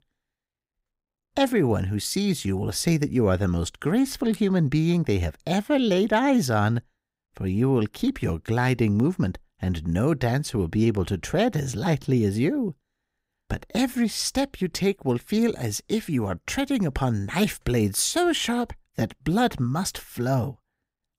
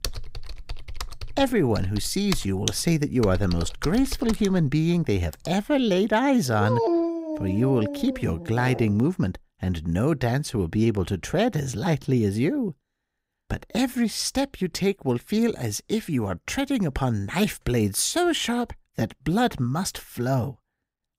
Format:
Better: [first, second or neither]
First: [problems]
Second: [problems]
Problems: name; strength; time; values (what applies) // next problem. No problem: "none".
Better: first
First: none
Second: keyboard typing; noticeable; until 5.5 s; peak 5 dB below the speech // dog barking; loud; from 6.5 to 9 s; peak 2 dB above the speech